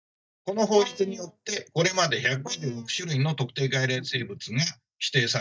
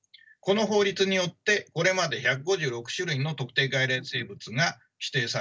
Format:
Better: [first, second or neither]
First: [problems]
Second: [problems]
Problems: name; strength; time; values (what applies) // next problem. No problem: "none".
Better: second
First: noise reduction (neural mask model DeepFilterNet 3)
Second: none